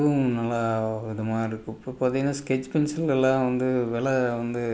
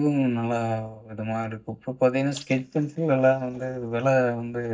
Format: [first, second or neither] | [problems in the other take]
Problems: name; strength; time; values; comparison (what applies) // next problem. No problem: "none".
first | noise reduction (neural mask model DeepFilterNet 3)